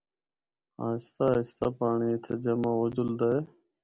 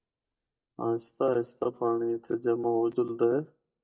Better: first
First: none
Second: noise reduction (neural mask model DeepFilterNet 3)

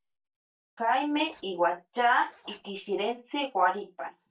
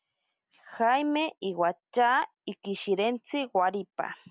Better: second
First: noise reduction (neural mask model DeepFilterNet 3)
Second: none

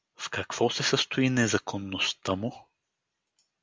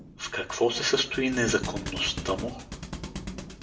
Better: first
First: none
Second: background sound (Thump, thud); 9 dB below the speech // room echo; dies away in 0.6 s

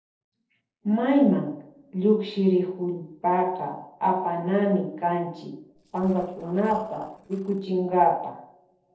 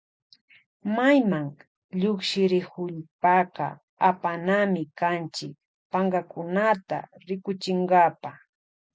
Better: second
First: noise reduction (neural separator model SepFormer DNS4)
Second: none

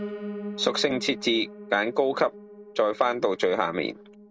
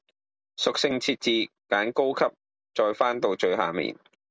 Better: second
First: background sound (Piano); 13 dB below the speech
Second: none

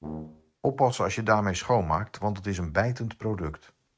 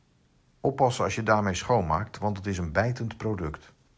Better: second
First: noise reduction (neural mask model RNNoise)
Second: none

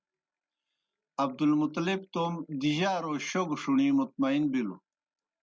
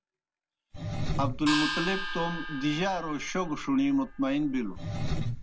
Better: first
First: none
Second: background sound (Gong + Engine); 3 dB below the speech

